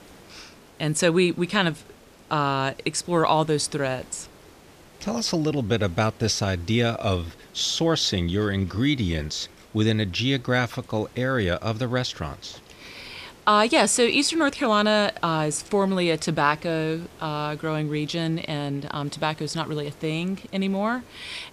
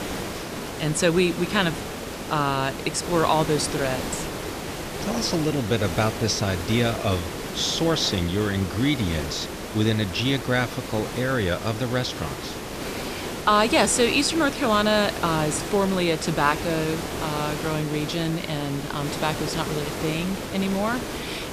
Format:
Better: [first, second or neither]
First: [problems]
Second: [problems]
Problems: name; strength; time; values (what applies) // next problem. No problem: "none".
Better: first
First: hiss; faint; throughout; 25 dB below the speech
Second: hiss; loud; throughout; 7 dB below the speech